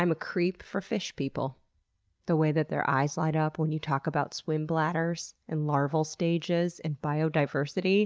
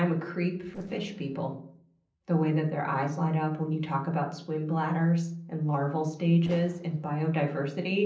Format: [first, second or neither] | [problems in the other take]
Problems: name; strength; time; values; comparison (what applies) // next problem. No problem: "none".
first | noise reduction (neural separator model SepFormer DNS4)